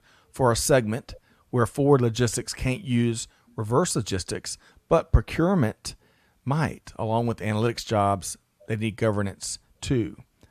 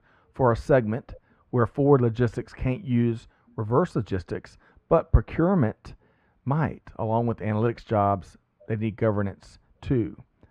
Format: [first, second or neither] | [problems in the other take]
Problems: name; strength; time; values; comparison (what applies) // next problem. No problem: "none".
first | muffled; very; fading above 4 kHz